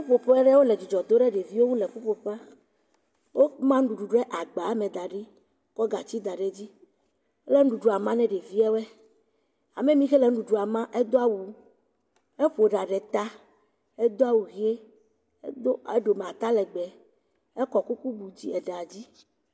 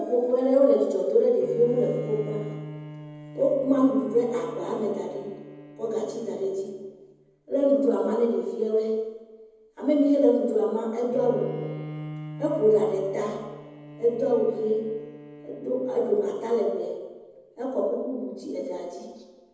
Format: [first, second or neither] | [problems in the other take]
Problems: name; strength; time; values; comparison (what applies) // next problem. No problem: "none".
first | background sound (Bowed string instrument); 17 dB below the speech // room echo; dies away in 1.1 s